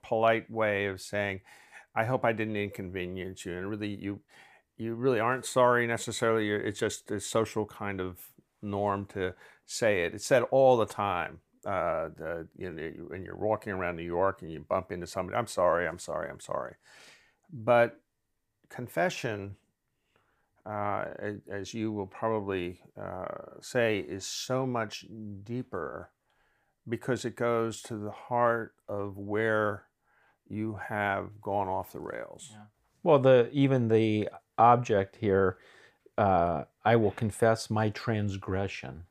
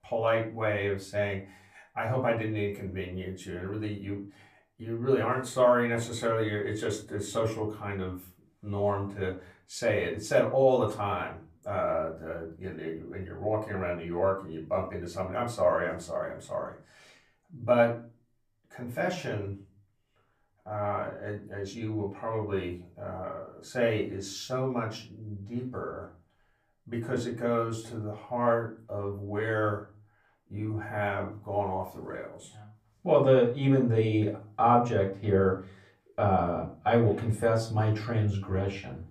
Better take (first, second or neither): first